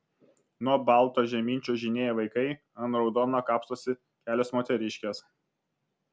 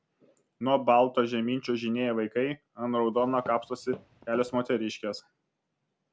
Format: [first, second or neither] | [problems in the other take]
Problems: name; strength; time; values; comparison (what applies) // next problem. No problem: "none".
first | background sound (Walk, footsteps); 19 dB below the speech